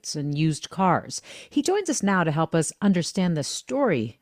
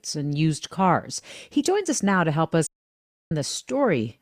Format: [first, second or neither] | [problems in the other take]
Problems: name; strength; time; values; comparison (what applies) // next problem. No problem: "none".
first | audio cutting out; at 2.5 s for 0.5 s